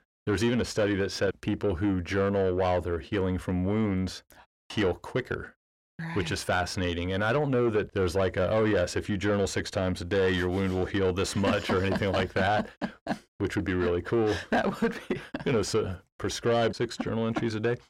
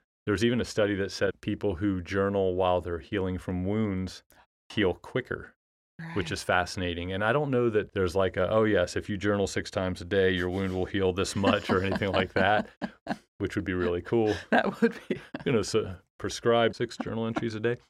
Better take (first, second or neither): second